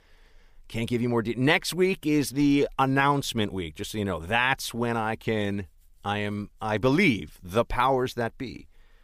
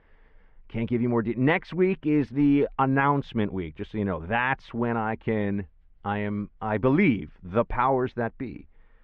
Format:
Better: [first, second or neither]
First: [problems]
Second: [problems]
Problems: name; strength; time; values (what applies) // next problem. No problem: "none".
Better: first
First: none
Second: muffled; very; fading above 2 kHz